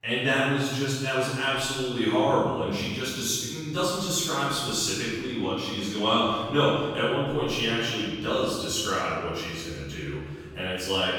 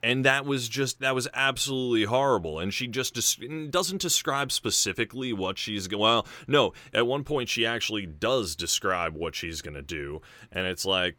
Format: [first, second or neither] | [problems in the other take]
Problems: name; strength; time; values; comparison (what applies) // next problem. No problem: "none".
second | off-mic speech; far // room echo; strong; dies away in 1.5 s